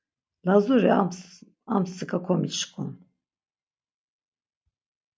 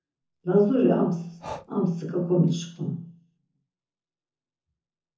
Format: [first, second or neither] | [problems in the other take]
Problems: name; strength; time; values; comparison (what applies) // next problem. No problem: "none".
first | background sound (Breathing); 19 dB below the speech // room echo; dies away in 0.5 s